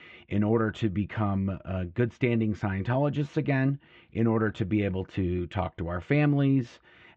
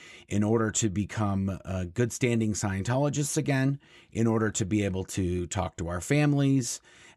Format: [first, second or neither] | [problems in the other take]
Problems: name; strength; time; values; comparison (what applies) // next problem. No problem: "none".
second | muffled; very; fading above 3 kHz